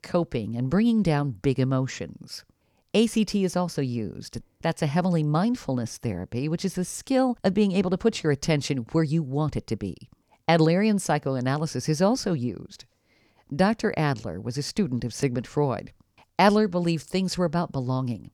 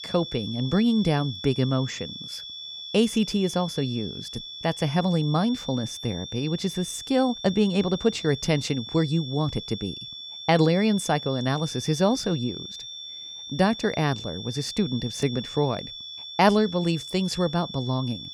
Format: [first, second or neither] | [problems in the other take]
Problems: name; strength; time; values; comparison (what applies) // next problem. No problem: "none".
first | high-pitched whine; noticeable; throughout; 3.5 kHz, 10 dB below the speech